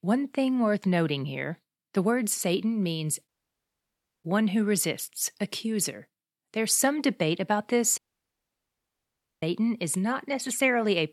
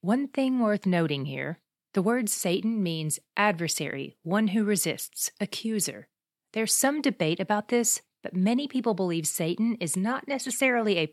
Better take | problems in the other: second | audio cutting out; at 3.5 s for 1 s and at 8 s for 1.5 s

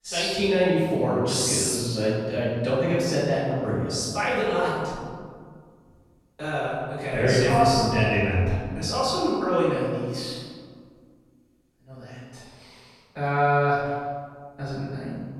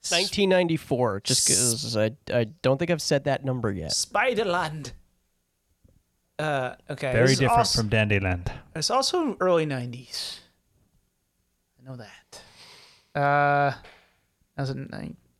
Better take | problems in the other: second | room echo; strong; dies away in 1.7 s // off-mic speech; far

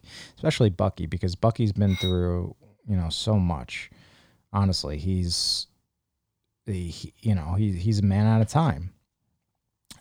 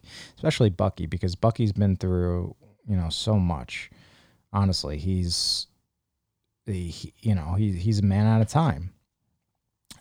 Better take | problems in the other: second | clattering dishes; noticeable; at 2 s; peak 7 dB below the speech

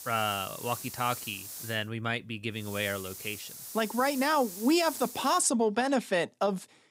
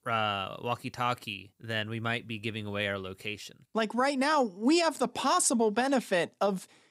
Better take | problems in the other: second | hiss; noticeable; until 2 s and from 2.5 to 5.5 s; 10 dB below the speech

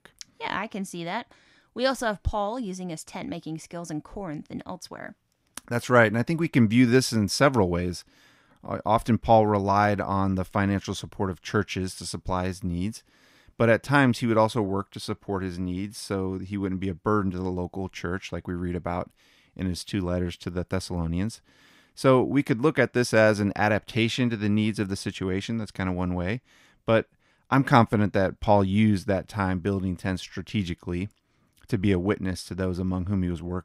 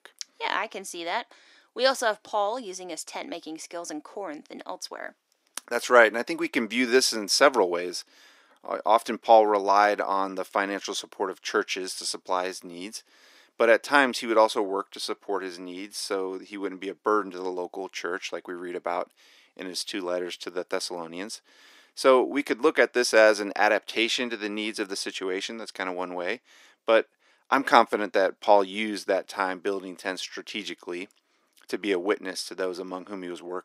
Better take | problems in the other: first | thin; somewhat; fading below 350 Hz

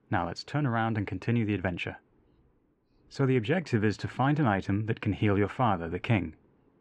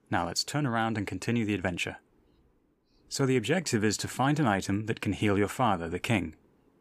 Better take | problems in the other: second | muffled; slightly; fading above 2.5 kHz

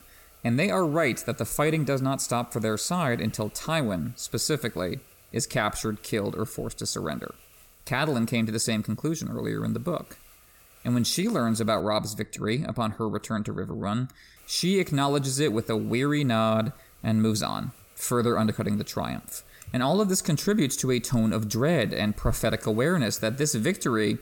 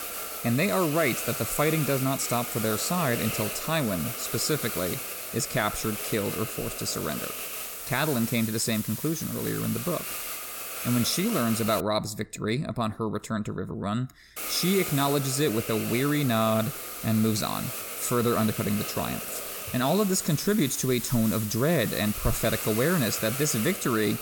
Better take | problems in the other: first | hiss; loud; until 12 s and from 14 s on; 5 dB below the speech; faint in the first

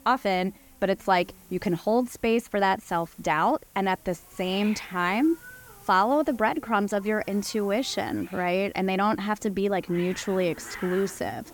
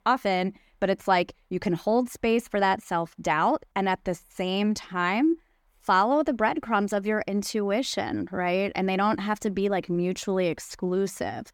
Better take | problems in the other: second | hiss; noticeable; throughout; 20 dB below the speech

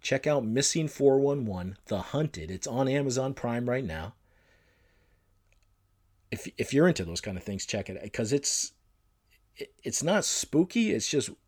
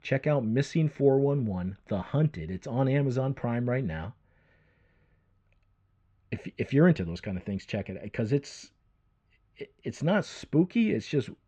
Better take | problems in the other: first | muffled; very; fading above 2.5 kHz

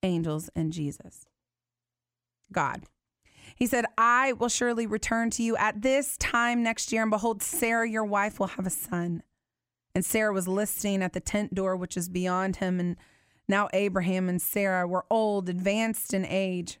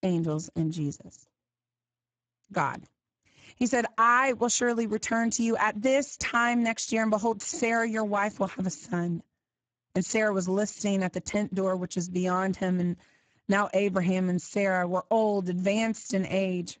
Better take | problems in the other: first | garbled, watery; badly; nothing above 7.5 kHz

